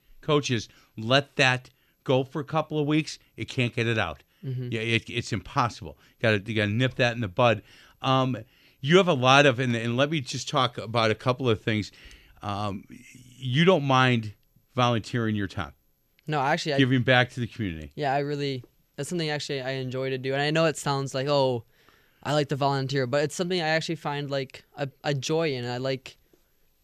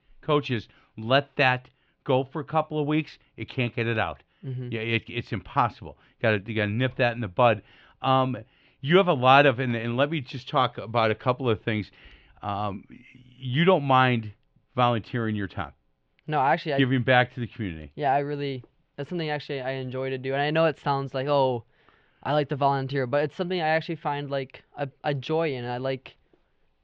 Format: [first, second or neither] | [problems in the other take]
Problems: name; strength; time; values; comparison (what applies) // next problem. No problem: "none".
first | muffled; slightly; fading above 3.5 kHz